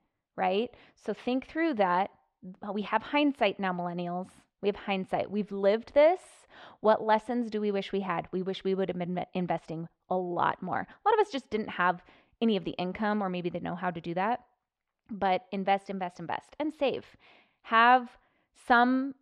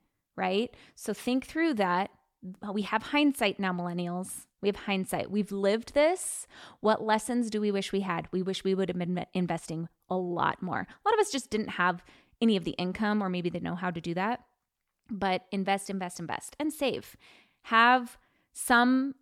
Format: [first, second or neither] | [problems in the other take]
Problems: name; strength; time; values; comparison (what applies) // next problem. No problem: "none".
second | muffled; slightly; fading above 3 kHz